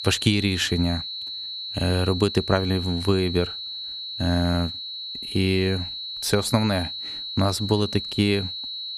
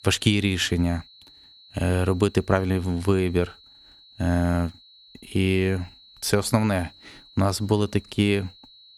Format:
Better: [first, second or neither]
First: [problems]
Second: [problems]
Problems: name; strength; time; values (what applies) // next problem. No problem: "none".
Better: second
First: high-pitched whine; loud; throughout; 4 kHz, 6 dB below the speech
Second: high-pitched whine; faint; throughout; 4 kHz, 25 dB below the speech